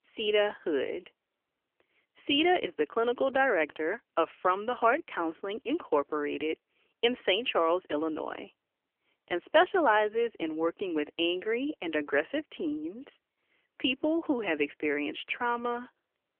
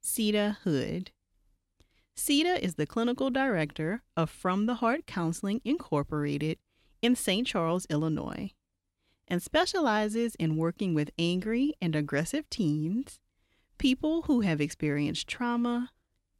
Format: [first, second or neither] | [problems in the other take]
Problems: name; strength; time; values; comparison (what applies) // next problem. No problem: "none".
second | phone-call audio; nothing above 3 kHz